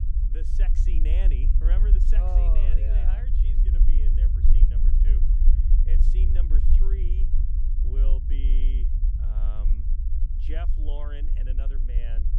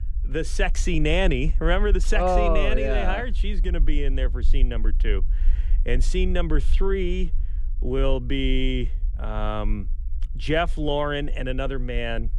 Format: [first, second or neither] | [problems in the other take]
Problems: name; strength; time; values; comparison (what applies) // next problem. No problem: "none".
second | low rumble; loud; throughout; 1 dB below the speech; faint in the second